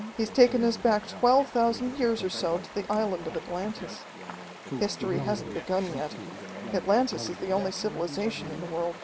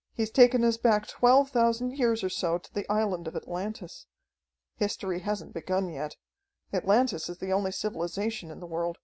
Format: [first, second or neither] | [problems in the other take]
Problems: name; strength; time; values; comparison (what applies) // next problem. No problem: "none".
second | background sound (Chatter / Stream); 11 dB below the speech